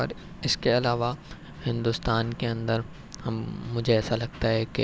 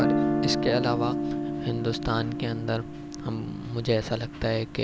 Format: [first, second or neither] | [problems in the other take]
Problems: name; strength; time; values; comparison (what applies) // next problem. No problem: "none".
first | background sound (Guitar); 1 dB below the speech